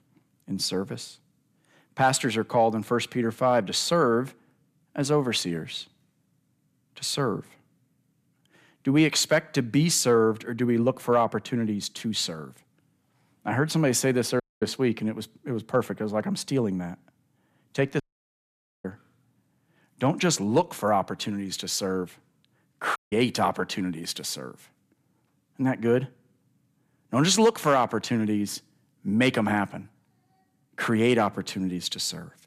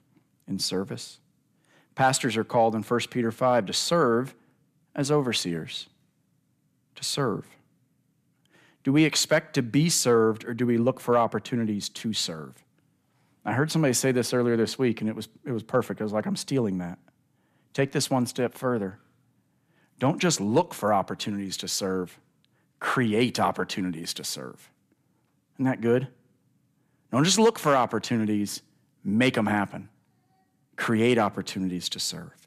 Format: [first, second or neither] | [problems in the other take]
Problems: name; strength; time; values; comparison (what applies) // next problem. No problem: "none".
second | audio cutting out; at 14 s, at 18 s for 1 s and at 23 s